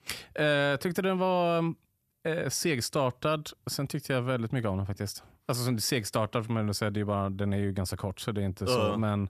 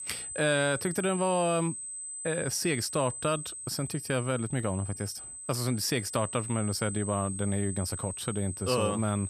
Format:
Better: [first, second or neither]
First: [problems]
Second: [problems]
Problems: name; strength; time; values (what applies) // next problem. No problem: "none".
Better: first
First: none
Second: high-pitched whine; loud; throughout; 8 kHz, 7 dB below the speech